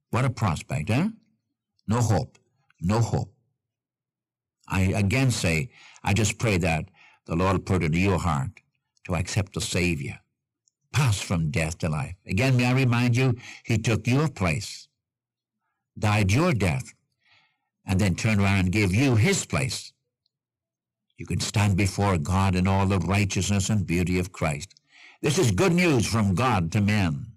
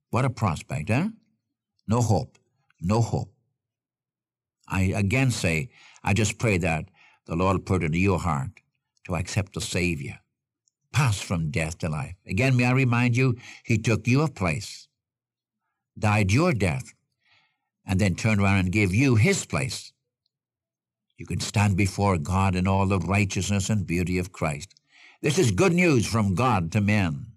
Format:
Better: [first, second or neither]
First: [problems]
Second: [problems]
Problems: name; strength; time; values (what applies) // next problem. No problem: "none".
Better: second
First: distortion; slight; 7% of the sound clipped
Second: none